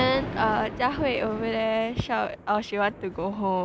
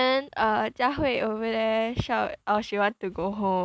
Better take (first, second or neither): second